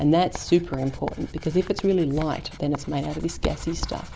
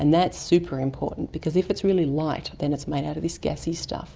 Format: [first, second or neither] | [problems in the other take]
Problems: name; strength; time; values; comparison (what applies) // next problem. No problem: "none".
second | background sound (Writing); 12 dB below the speech